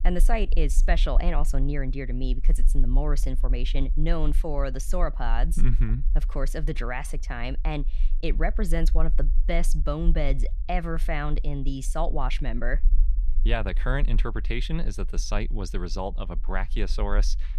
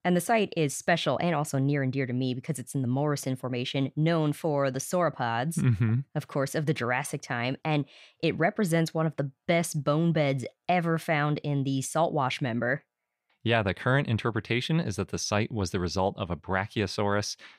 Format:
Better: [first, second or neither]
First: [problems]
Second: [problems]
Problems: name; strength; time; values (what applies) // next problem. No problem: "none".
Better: second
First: low rumble; faint; throughout; 20 dB below the speech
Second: none